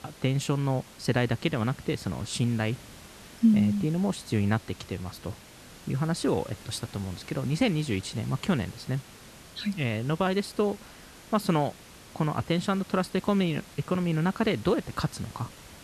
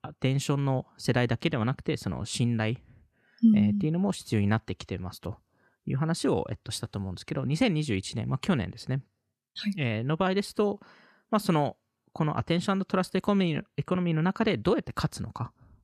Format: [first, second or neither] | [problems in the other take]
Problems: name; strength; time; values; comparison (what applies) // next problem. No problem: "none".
second | hiss; noticeable; throughout; 20 dB below the speech